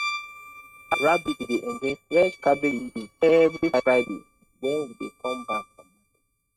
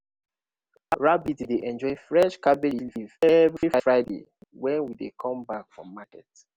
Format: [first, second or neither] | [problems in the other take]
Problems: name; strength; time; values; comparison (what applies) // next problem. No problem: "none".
second | noise reduction (neural mask model RNNoise)